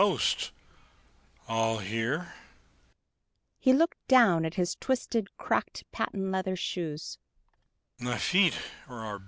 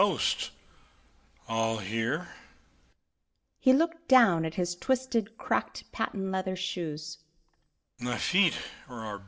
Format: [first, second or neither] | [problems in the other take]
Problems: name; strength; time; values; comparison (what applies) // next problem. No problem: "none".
first | room echo; dies away in 0.4 s